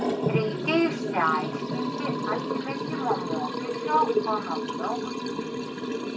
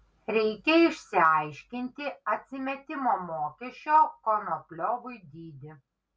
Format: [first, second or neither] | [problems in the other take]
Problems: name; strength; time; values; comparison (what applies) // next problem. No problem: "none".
second | background sound (Liquid); 1 dB above the speech